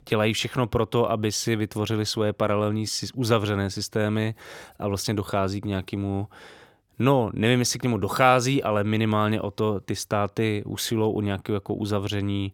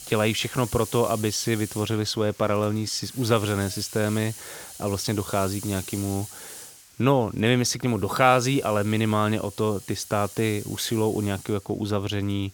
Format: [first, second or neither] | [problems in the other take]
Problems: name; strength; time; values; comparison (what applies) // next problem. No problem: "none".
first | hiss; noticeable; throughout; 15 dB below the speech